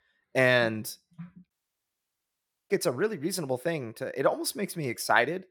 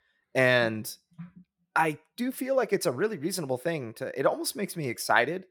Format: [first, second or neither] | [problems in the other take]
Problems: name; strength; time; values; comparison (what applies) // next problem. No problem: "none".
second | audio cutting out; at 1.5 s for 1 s